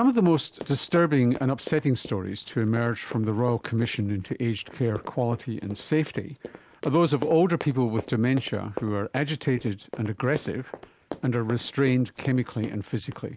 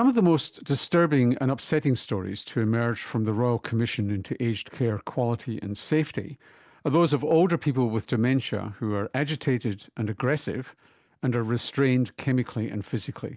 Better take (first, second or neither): second